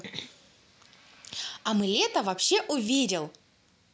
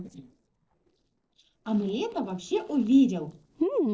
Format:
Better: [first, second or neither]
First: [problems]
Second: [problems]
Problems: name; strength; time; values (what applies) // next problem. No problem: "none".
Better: first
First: none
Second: noise reduction (neural separator model SepFormer DNS4)